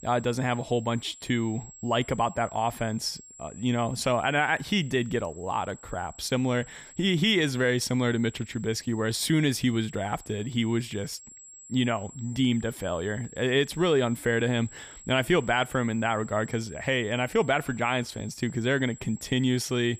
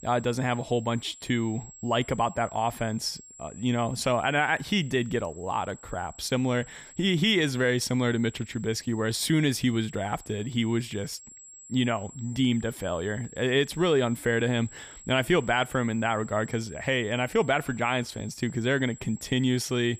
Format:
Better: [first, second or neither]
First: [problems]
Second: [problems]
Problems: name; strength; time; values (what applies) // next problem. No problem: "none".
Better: neither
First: high-pitched whine; noticeable; throughout; 7.5 kHz, 20 dB below the speech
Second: high-pitched whine; noticeable; throughout; 7.5 kHz, 20 dB below the speech